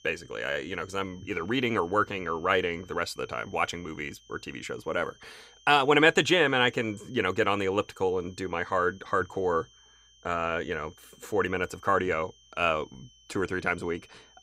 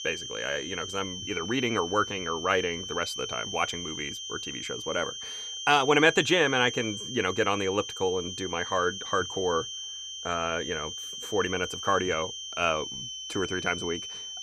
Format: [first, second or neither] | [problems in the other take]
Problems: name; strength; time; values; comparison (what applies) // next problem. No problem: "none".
first | high-pitched whine; loud; throughout; 3 kHz, 7 dB below the speech; faint in the first